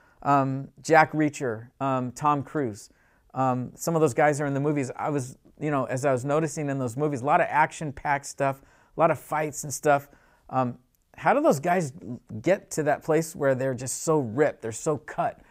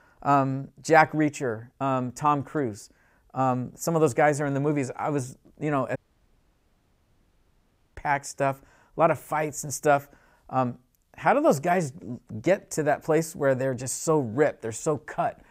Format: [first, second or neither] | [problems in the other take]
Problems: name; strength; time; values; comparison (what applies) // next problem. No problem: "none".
first | audio cutting out; at 6 s for 2 s